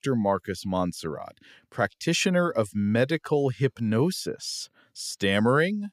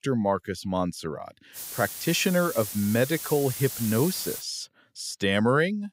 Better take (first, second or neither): first